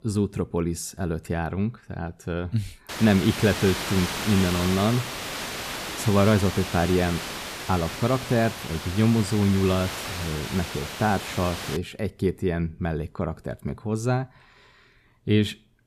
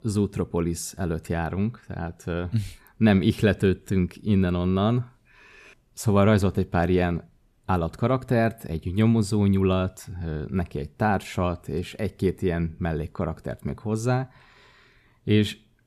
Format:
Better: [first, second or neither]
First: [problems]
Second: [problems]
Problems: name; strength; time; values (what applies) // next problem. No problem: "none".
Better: second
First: hiss; loud; from 3 to 12 s; 6 dB below the speech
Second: none